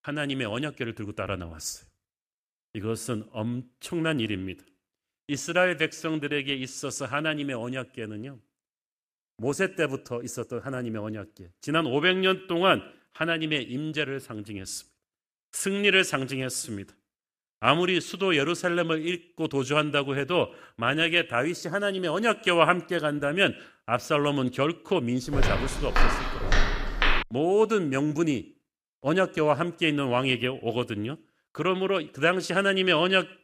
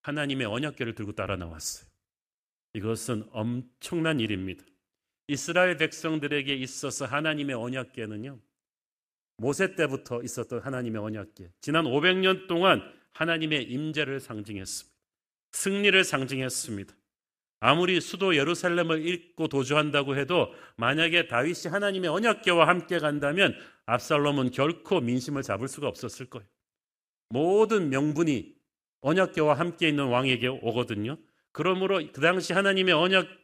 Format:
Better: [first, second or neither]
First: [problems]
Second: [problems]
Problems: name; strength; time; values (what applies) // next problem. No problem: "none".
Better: second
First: footsteps; loud; from 25 to 27 s; peak 1 dB above the speech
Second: none